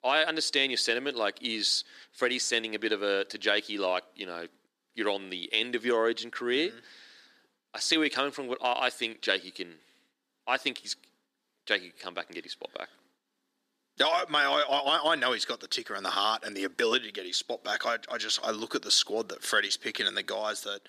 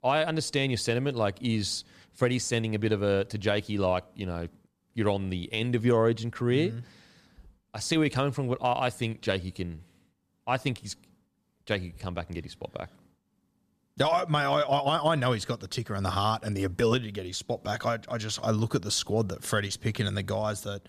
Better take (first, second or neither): second